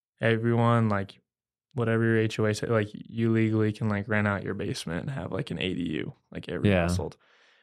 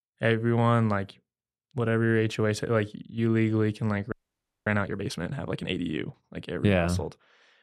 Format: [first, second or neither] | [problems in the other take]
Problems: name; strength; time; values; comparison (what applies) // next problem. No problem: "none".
first | audio freezing; at 4 s for 0.5 s